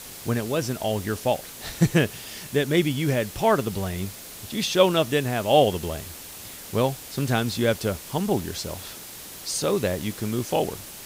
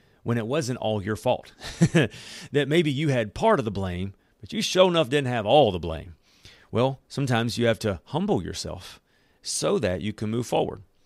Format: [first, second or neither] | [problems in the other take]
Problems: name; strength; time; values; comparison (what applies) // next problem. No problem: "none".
second | hiss; noticeable; throughout; 15 dB below the speech